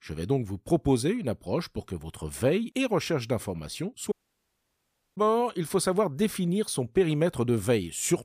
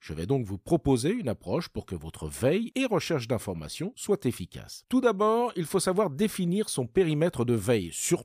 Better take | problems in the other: second | audio cutting out; at 4 s for 1 s

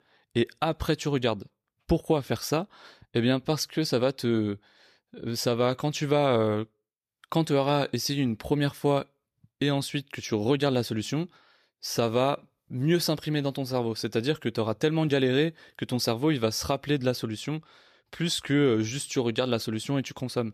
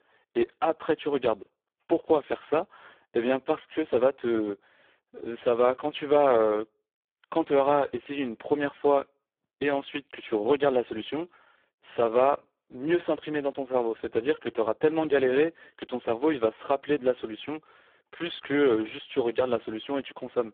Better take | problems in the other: first | phone-call audio; poor line

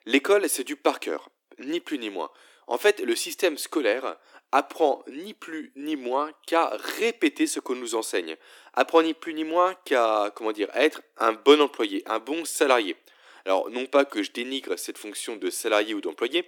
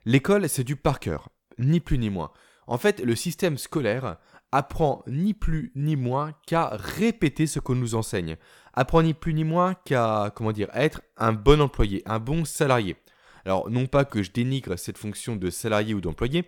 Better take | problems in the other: second | thin; somewhat; fading below 300 Hz

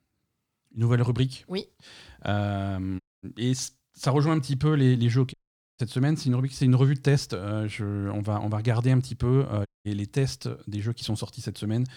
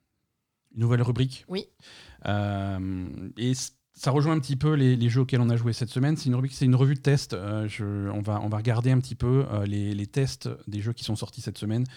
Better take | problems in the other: second | audio cutting out; at 3 s, at 5.5 s and at 9.5 s

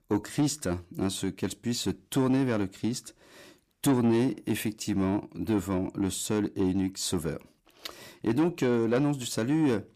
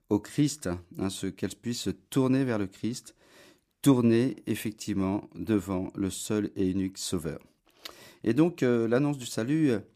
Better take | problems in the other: second | distortion; slight; 10 dB below the speech

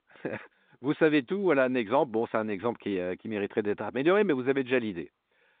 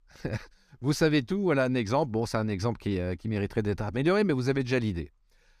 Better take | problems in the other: second | phone-call audio; nothing above 4 kHz

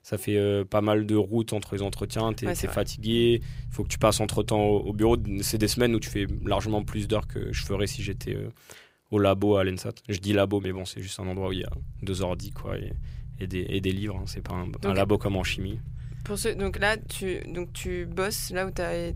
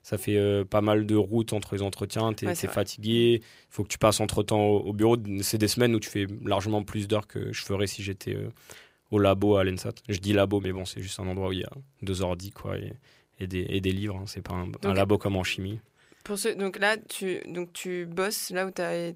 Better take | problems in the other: second | low rumble; faint; from 2 to 8.5 s and from 11 s on; 25 dB below the speech

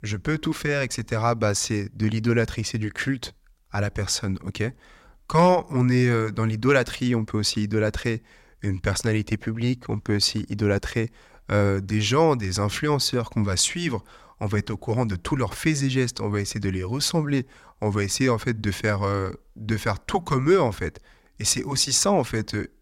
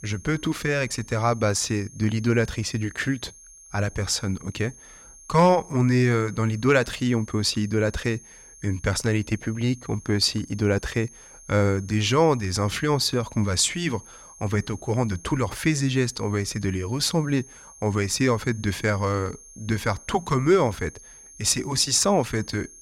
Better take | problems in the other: first | high-pitched whine; faint; throughout; 6.5 kHz, 20 dB below the speech

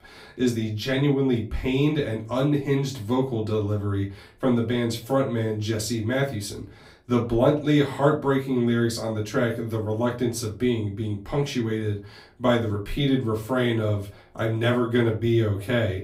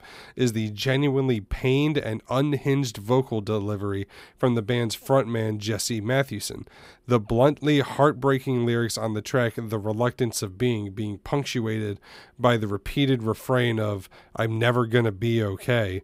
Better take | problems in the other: second | off-mic speech; far // room echo; very slight; dies away in 0.3 s

